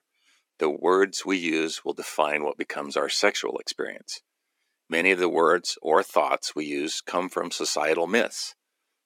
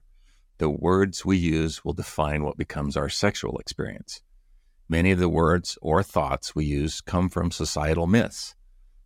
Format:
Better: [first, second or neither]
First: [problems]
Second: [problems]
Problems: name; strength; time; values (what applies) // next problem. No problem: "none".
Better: second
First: thin; somewhat; fading below 300 Hz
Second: none